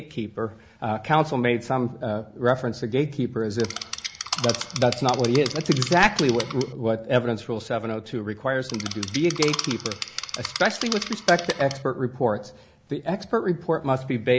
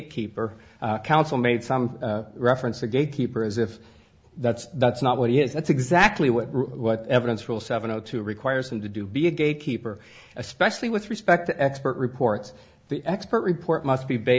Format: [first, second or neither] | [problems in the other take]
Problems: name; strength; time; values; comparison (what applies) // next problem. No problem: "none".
second | background sound (Insect); 7 dB below the speech